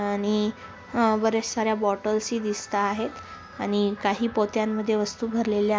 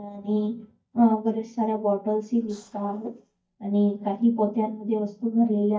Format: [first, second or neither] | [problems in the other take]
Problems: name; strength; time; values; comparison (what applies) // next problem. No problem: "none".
first | noise reduction (neural mask model DeepFilterNet 3)